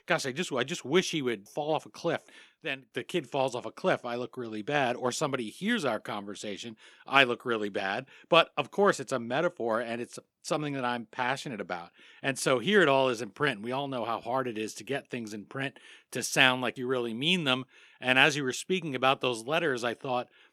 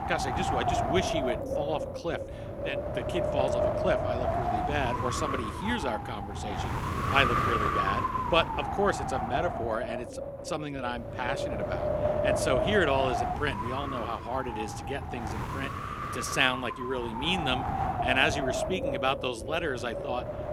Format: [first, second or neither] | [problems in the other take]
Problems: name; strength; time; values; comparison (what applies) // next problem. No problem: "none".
first | wind noise on the microphone; heavy; as loud as the speech